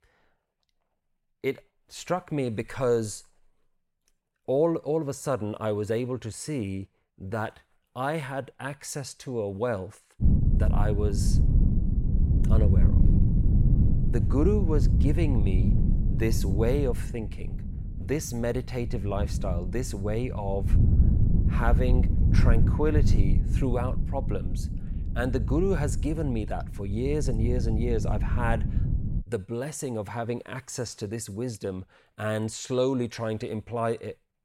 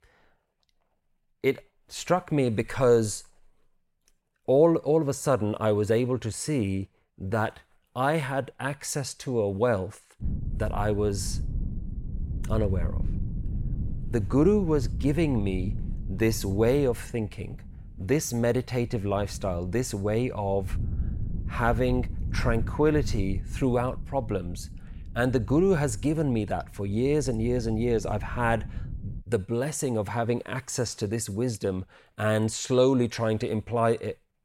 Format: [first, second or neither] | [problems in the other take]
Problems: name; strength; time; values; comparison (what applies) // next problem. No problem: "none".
second | wind noise on the microphone; heavy; from 10 to 29 s; 7 dB below the speech; occasional gusts in the second